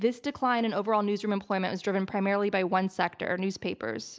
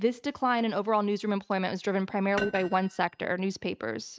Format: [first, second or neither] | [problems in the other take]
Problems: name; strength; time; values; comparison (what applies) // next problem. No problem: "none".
first | noise reduction (neural mask model RNNoise)